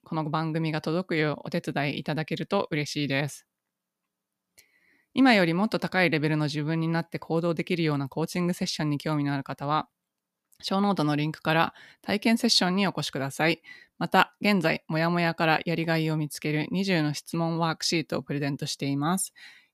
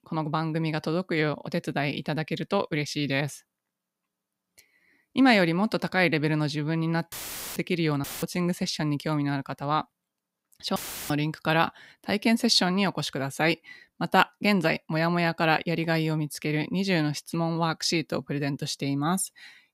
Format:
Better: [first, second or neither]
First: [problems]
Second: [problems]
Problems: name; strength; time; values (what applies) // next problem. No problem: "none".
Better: first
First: none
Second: audio cutting out; filled with static; at 7 s, at 8 s and at 11 s